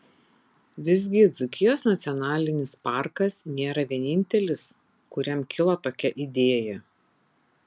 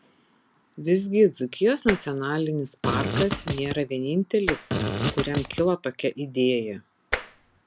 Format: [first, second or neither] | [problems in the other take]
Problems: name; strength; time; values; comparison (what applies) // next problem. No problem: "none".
first | background sound (Tap + Fart); 3 dB below the speech